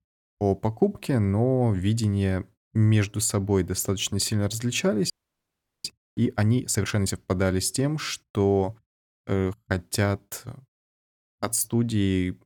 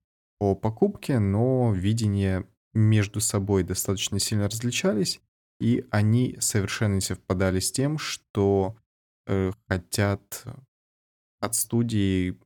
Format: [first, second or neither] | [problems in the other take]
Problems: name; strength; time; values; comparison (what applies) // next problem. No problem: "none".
second | audio freezing; at 5 s for 0.5 s